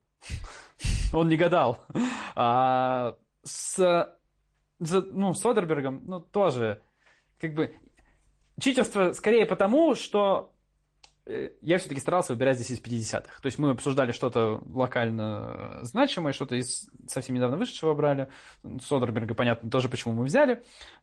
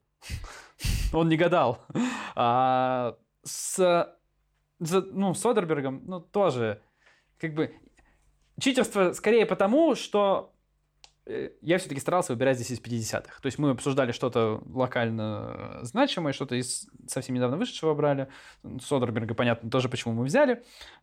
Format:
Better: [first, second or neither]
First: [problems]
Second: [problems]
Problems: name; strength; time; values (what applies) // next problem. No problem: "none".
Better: second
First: garbled, watery; slightly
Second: none